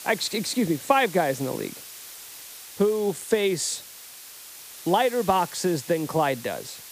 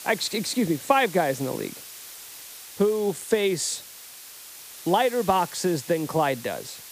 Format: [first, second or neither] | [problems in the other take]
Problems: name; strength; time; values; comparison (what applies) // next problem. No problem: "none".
neither | hiss; noticeable; throughout; 15 dB below the speech; the same in both